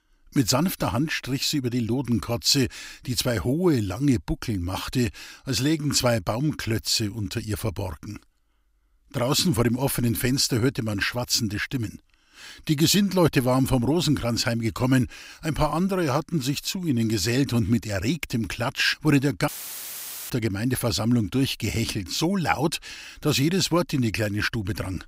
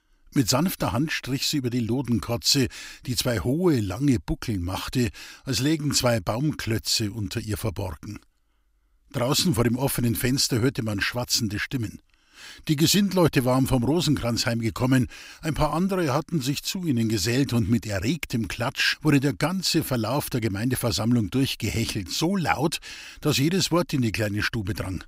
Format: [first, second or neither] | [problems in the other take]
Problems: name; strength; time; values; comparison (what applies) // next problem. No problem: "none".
second | audio cutting out; filled with static; at 19 s for 1 s